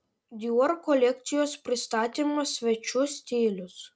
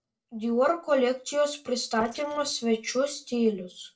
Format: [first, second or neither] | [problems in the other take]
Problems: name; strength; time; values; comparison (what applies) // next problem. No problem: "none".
first | noise reduction (neural separator model SepFormer DNS4)